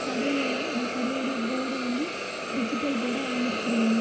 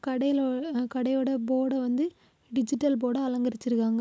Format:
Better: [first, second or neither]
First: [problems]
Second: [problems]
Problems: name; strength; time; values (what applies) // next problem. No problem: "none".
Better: second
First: background sound (Hiss); 2 dB below the speech // room echo; dies away in 0.5 s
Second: none